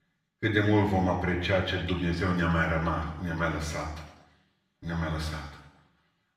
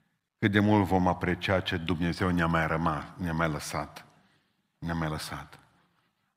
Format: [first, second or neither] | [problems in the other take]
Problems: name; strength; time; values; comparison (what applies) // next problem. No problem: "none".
second | room echo; noticeable; dies away in 0.7 s // off-mic speech; far